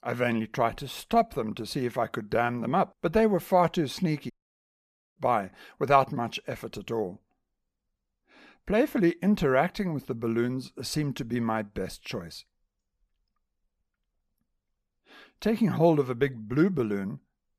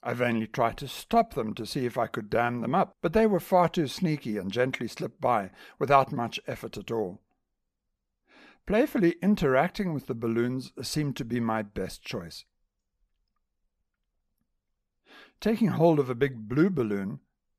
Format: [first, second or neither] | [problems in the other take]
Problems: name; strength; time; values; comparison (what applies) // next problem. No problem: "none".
second | audio cutting out; at 4.5 s for 1 s